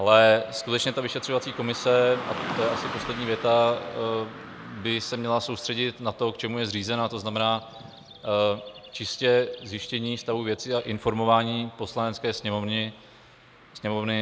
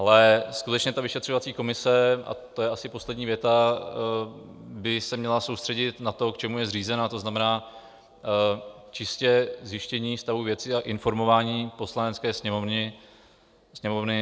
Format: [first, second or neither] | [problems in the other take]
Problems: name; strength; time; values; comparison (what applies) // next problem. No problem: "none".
second | background sound (Car passing by / Traffic noise, roadway noise); 15 dB below the speech